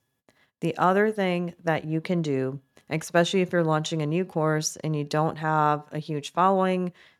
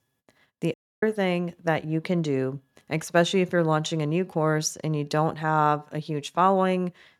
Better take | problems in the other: first | audio cutting out; at 0.5 s

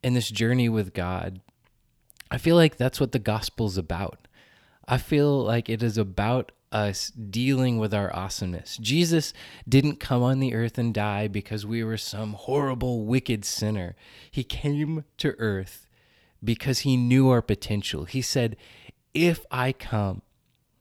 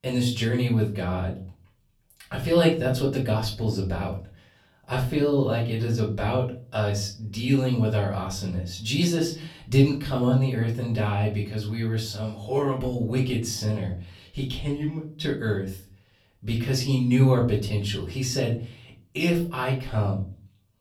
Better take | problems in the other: first | off-mic speech; far // room echo; slight; dies away in 0.3 s

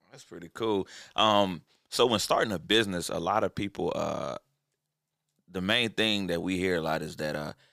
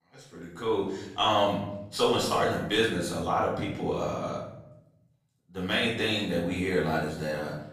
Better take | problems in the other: first | room echo; noticeable; dies away in 0.8 s // off-mic speech; far

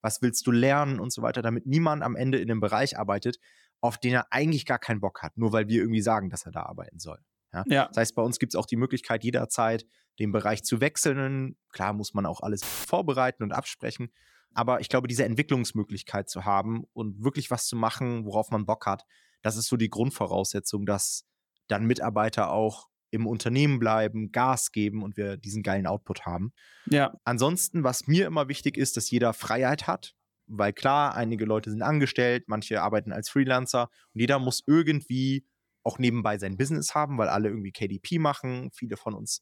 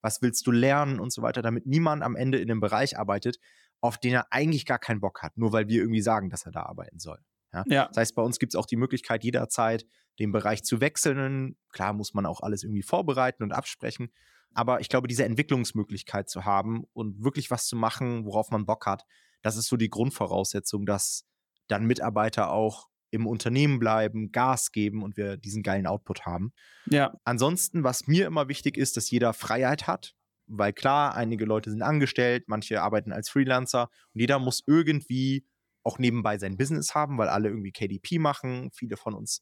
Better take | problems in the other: second | audio cutting out; filled with static; at 13 s

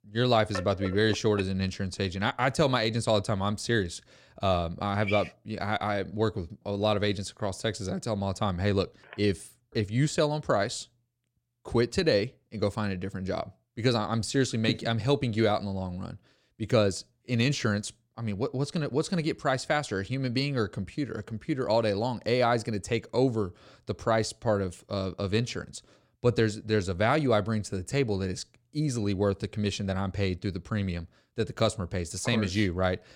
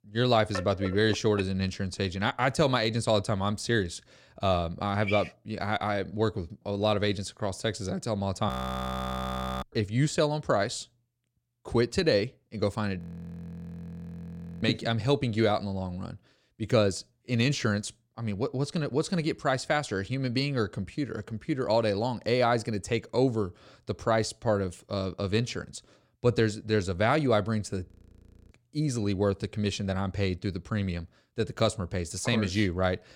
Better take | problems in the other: first | audio freezing; at 8.5 s for 1 s, at 13 s for 1.5 s and at 28 s for 0.5 s

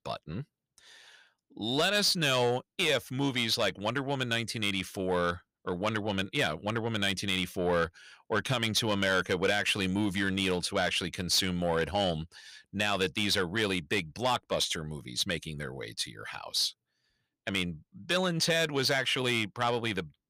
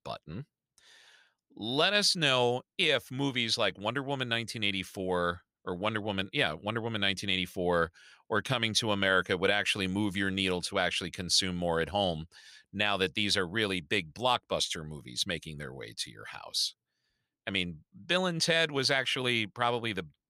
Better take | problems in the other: second | distortion; slight; 10 dB below the speech

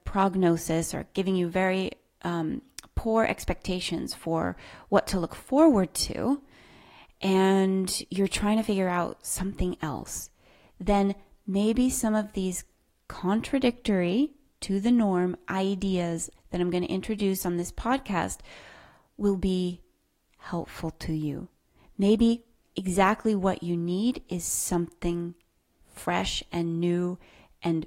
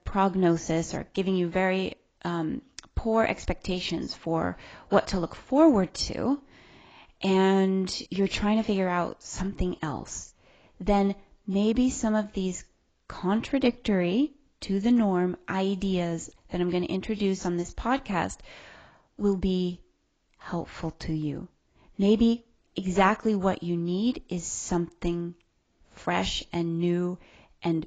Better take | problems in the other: first | garbled, watery; badly; nothing above 7.5 kHz; slightly in the first

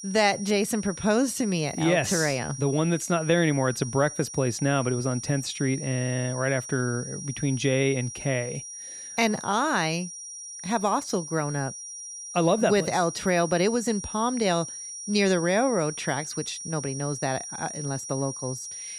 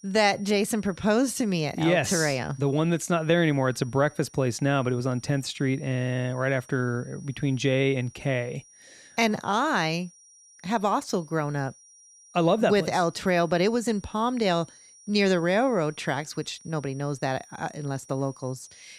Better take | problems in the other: second | high-pitched whine; loud; throughout; 5.5 kHz, 10 dB below the speech; faint in the second

